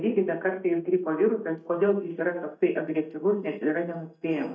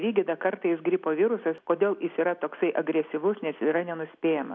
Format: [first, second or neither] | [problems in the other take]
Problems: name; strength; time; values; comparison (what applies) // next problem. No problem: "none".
second | noise reduction (neural mask model DeepFilterNet 3)